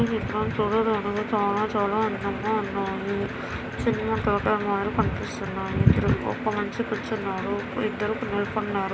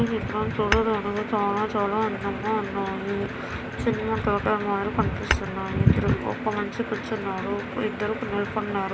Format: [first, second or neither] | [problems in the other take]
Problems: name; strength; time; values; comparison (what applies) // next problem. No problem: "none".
first | background sound (Tap / Hammer / Glass); 10 dB below the speech